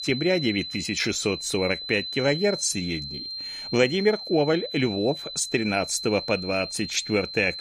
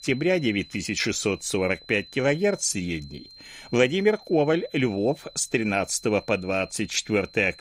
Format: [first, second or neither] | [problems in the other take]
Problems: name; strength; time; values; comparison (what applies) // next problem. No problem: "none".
second | high-pitched whine; loud; throughout; 4 kHz, 8 dB below the speech; faint in the second